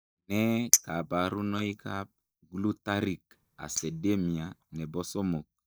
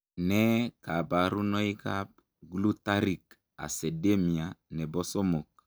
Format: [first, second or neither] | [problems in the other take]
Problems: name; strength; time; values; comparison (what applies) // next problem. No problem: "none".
second | noise reduction (neural mask model DeepFilterNet 3)